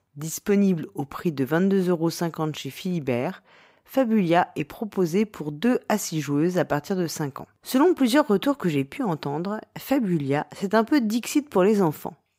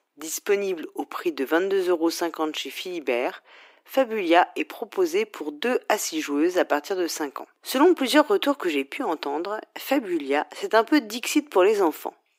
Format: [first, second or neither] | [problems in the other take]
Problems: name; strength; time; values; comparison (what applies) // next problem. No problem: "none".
first | thin; somewhat; fading below 300 Hz